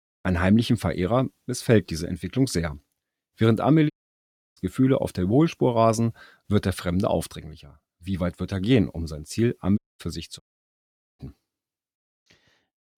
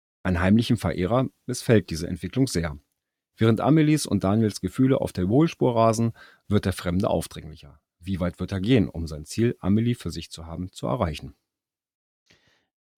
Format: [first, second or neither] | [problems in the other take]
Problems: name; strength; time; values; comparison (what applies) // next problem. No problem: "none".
second | audio cutting out; at 4 s for 0.5 s and at 10 s for 1 s